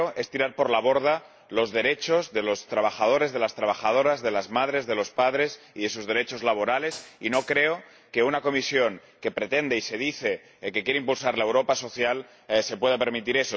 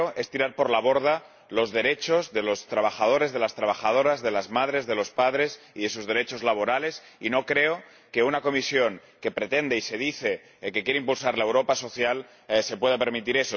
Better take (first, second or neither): second